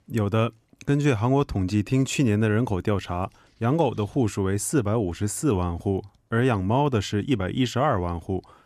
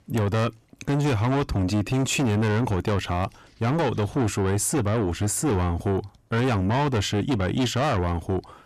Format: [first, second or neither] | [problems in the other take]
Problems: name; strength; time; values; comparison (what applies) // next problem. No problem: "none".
first | distortion; heavy; 7 dB below the speech